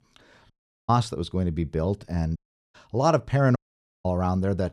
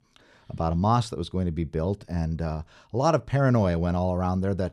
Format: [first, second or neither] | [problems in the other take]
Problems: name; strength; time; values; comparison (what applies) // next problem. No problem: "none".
second | audio cutting out; at 0.5 s, at 2.5 s and at 3.5 s